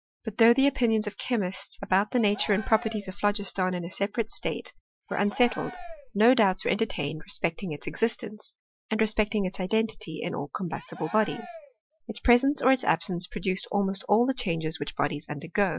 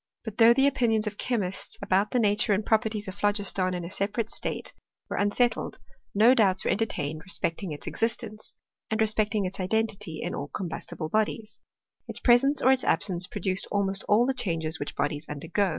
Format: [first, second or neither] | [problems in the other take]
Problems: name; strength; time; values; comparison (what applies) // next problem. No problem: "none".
second | noise reduction (classical method Wiener filter)